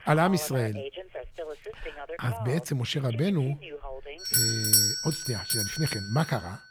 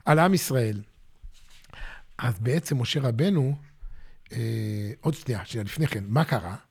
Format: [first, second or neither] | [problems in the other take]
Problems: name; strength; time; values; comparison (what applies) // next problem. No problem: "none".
second | alarms or sirens; very loud; throughout; 2 dB above the speech